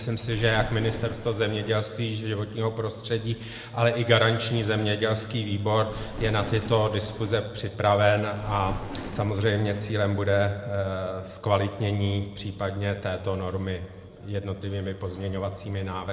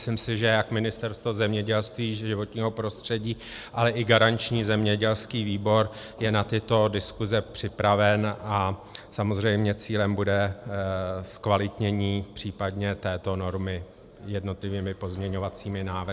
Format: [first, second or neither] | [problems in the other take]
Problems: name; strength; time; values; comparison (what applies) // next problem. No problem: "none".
second | background sound (Thunder); 11 dB below the speech // room echo; dies away in 1.9 s